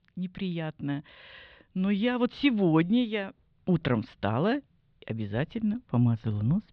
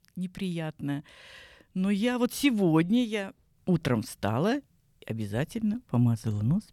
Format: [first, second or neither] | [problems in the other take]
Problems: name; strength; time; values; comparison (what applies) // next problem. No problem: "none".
second | muffled; slightly; fading above 4 kHz